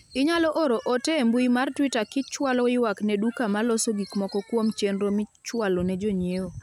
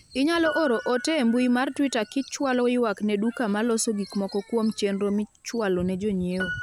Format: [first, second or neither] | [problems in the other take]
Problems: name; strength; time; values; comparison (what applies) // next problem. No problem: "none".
first | background sound (Piano); 16 dB below the speech